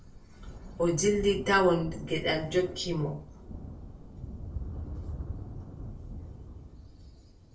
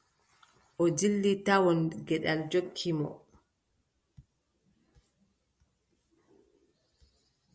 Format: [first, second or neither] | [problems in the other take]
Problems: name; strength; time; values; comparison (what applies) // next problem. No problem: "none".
second | background sound (Thunder); 9 dB below the speech // room echo; dies away in 0.3 s